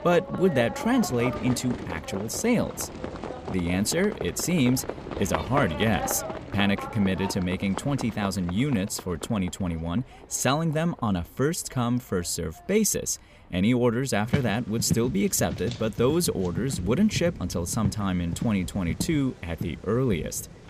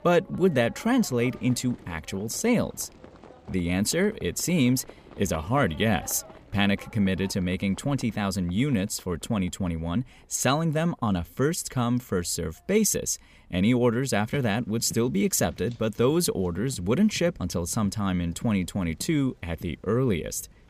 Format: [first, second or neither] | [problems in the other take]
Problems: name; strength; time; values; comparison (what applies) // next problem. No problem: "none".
second | animal sounds; loud; throughout; 9 dB below the speech; faint in the second